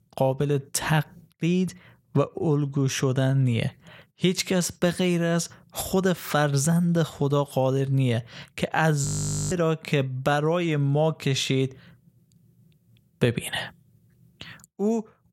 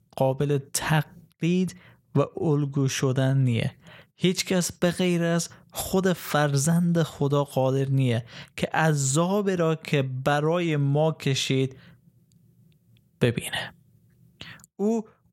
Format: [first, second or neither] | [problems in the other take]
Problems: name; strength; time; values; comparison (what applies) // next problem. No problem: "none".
second | audio freezing; at 9 s